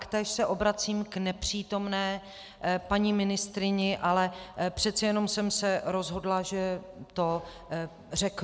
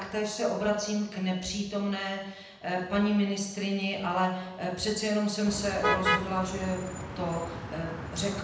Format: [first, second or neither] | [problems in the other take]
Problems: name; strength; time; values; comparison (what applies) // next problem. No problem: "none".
first | background sound (Motor vehicle (road)); 3 dB below the speech // room echo; dies away in 0.9 s